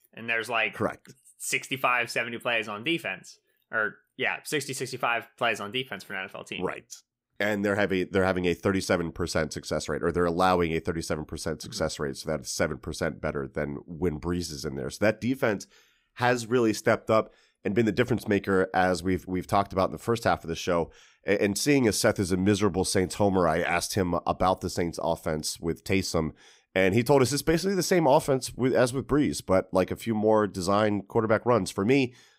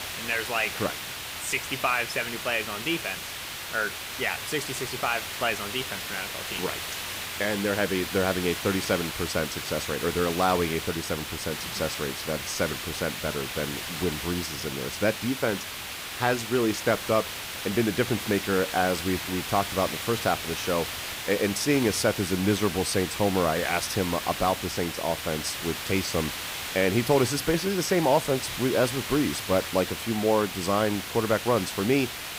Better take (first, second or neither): first